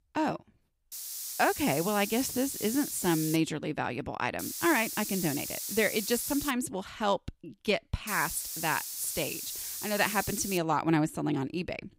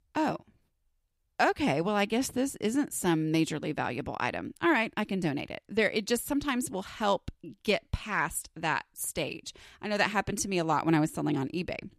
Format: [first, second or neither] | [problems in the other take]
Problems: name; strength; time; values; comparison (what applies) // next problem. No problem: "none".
second | hiss; loud; from 1 to 3.5 s, from 4.5 to 6.5 s and from 8 to 11 s; 5 dB below the speech